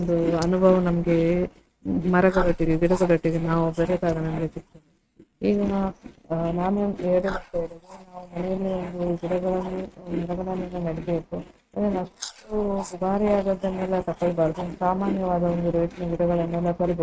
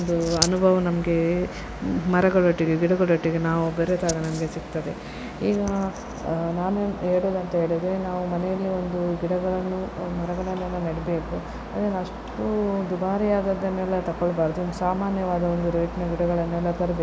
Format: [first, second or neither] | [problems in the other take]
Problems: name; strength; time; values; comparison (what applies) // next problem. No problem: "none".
second | noise reduction (neural mask model RNNoise)